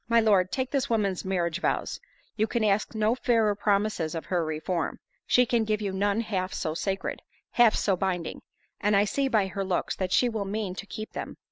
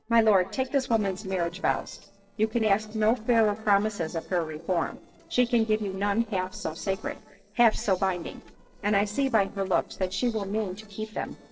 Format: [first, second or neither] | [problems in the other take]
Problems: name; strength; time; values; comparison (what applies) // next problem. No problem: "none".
first | noise reduction (neural separator model SepFormer DNS4)